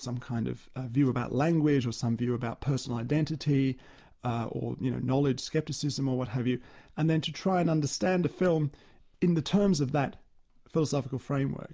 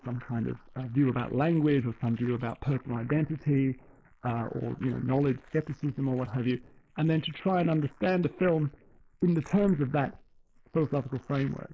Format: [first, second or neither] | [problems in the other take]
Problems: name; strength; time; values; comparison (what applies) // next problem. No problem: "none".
first | noise reduction (neural mask model Resemble Enhance denoiser)